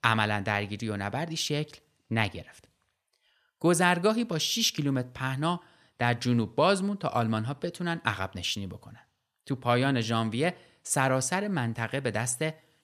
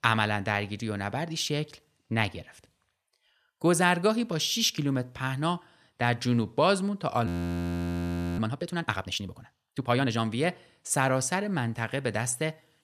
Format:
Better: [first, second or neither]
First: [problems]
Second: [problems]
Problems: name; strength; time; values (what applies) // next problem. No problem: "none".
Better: first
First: none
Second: audio freezing; at 7.5 s for 1 s